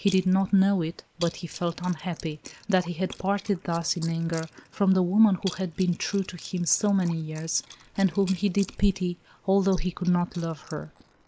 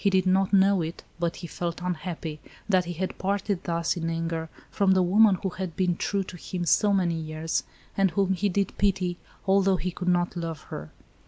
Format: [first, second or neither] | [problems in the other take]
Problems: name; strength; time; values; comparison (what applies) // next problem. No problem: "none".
second | noise reduction (neural mask model Resemble Enhance denoiser)